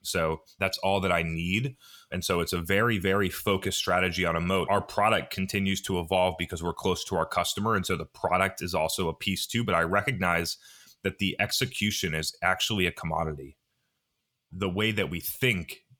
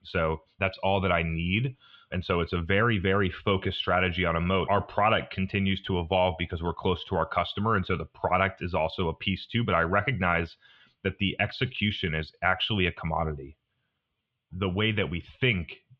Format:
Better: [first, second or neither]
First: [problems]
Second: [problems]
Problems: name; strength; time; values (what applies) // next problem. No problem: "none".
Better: first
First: none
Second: muffled; very; fading above 3.5 kHz